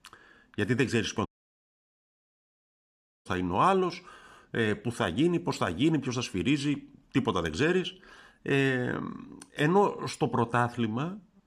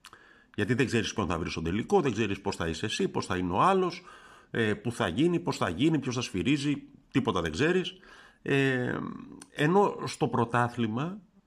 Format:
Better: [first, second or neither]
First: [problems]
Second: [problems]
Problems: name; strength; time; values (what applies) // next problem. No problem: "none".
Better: second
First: audio cutting out; at 1.5 s for 2 s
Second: none